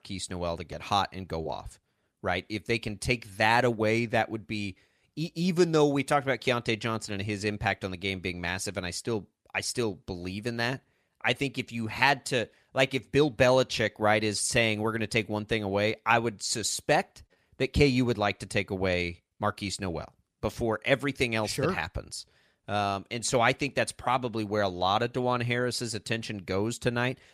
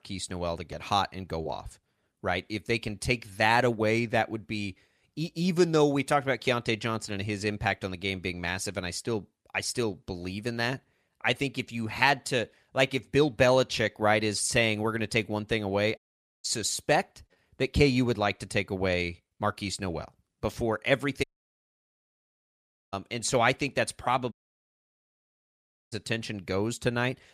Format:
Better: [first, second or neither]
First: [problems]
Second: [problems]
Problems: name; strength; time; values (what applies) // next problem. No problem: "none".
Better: first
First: none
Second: audio cutting out; at 16 s, at 21 s for 1.5 s and at 24 s for 1.5 s